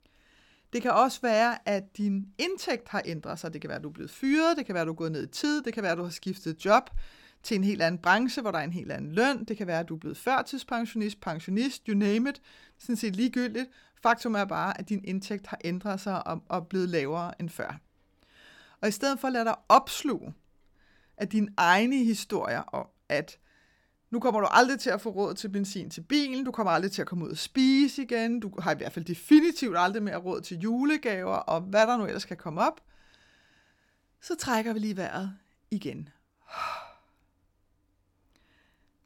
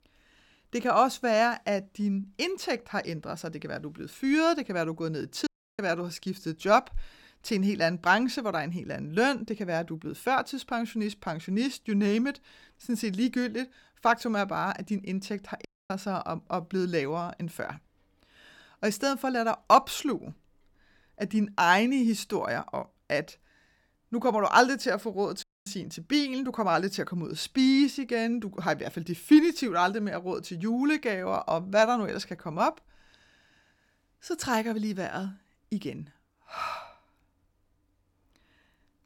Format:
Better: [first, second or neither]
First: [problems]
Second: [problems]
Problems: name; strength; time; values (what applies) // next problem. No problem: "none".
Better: first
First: none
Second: audio cutting out; at 5.5 s, at 16 s and at 25 s